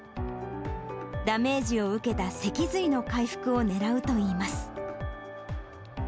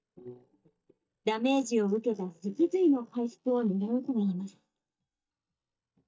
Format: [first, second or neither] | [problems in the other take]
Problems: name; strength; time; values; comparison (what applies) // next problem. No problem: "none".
first | noise reduction (neural mask model DeepFilterNet 3)